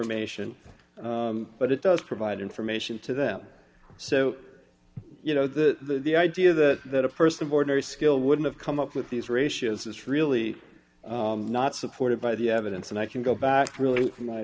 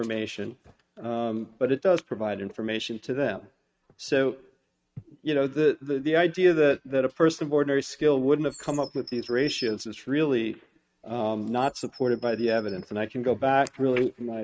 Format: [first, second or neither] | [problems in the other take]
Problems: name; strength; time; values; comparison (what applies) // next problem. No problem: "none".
first | noise reduction (neural mask model RNNoise)